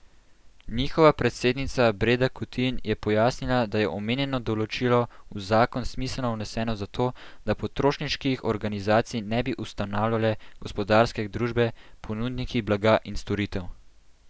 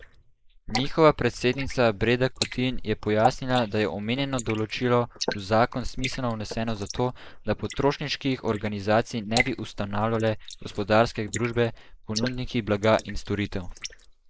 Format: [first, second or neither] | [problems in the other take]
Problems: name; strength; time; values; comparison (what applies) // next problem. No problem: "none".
first | noise reduction (neural mask model Resemble Enhance denoiser)